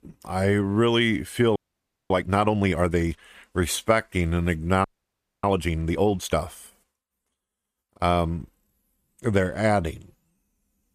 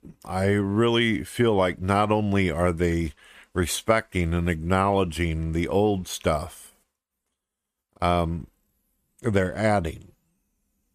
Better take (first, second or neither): second